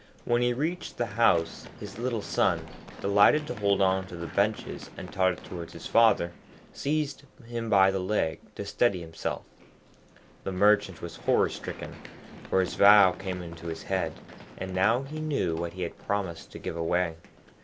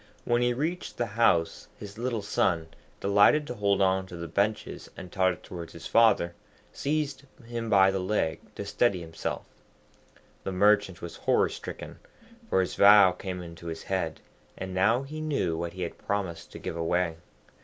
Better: second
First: background sound (Run); 18 dB below the speech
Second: none

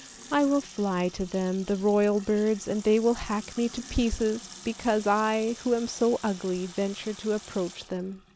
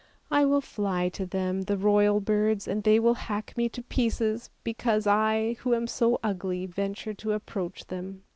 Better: second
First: background sound (Sink (filling or washing) / Water tap, faucet); 19 dB below the speech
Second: none

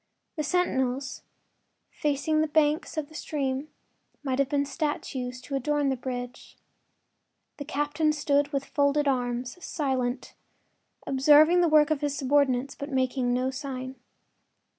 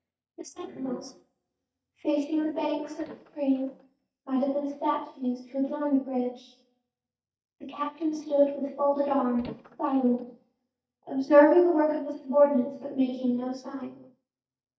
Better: first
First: none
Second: noise reduction (neural mask model DeepFilterNet 3)

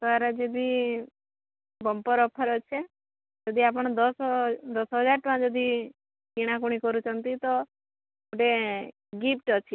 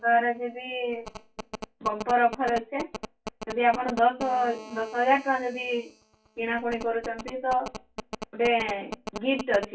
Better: first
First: none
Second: noise reduction (classical method WPE with log-MMSE)

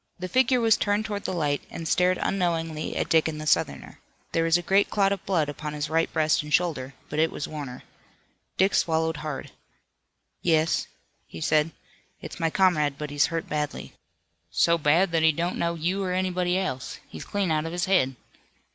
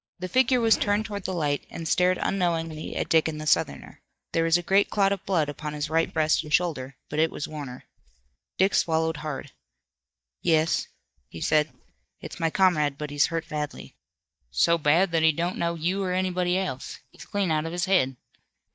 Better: first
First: none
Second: noise reduction (neural mask model DeepFilterNet 3)

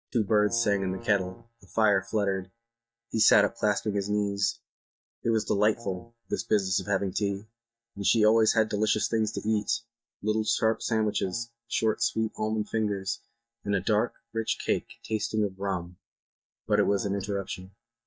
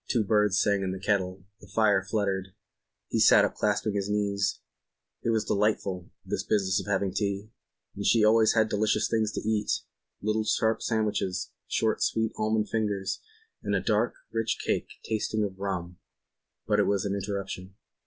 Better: second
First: noise reduction (neural mask model DeepFilterNet 3)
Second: none

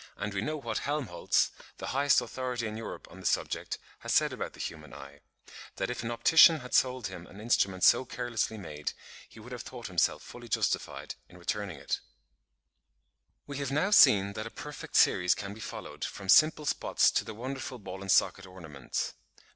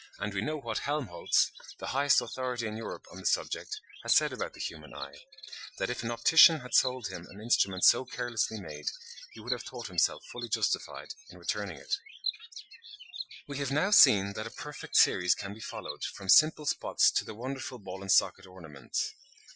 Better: first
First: none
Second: noise reduction (classical method Wiener filter)

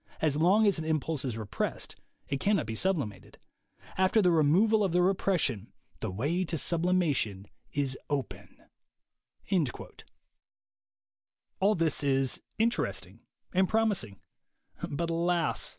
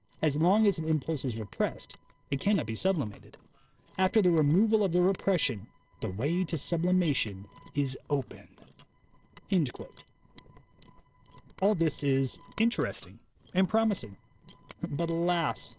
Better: first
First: none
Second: noise reduction (neural separator model SepFormer DNS4)

